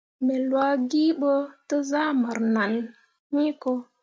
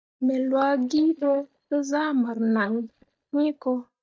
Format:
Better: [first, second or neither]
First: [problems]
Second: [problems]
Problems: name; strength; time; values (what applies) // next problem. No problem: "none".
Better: first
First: none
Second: noise reduction (neural mask model DeepFilterNet 3)